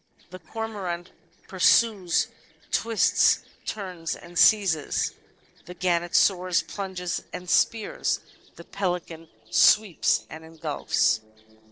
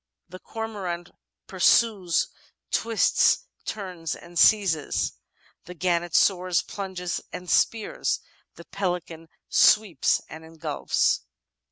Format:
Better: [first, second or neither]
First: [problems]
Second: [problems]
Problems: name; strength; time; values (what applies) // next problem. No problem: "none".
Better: second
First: noise reduction (neural separator model SepFormer DNS4)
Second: none